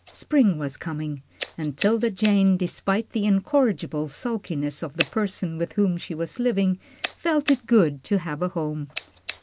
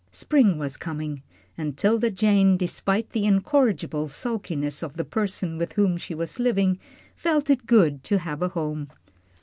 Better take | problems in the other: second | background sound (Scissors); 16 dB below the speech

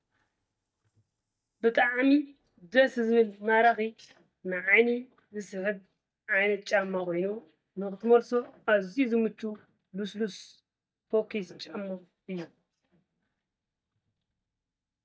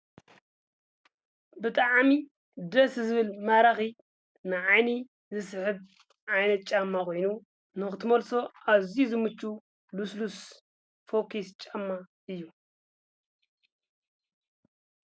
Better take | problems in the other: second | noise reduction (neural mask model DeepFilterNet 3)

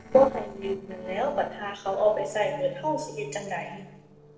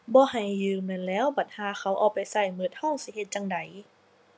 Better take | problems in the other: second | noise reduction (neural separator model SepFormer DNS4)

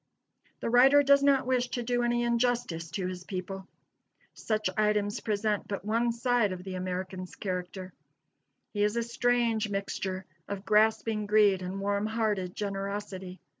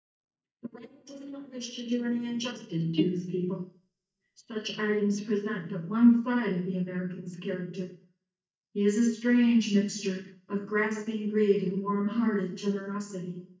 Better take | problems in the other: first | noise reduction (neural mask model DeepFilterNet 3)

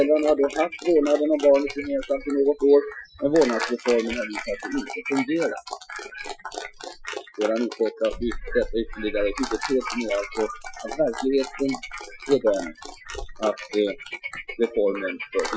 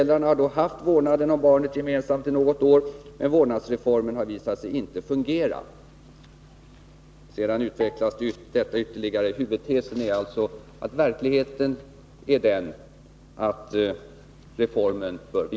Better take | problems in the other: second | noise reduction (classical method Wiener filter)

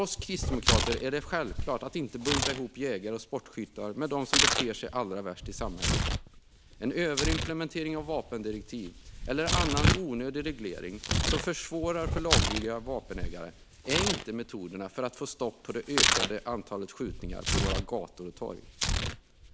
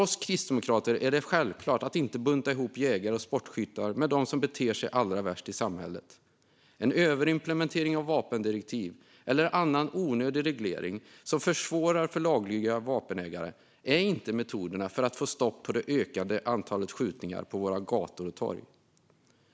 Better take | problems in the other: second | background sound (Tearing); 2 dB above the speech

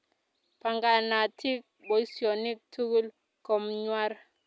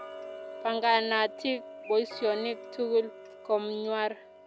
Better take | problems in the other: first | background sound (Tick-tock); 14 dB below the speech

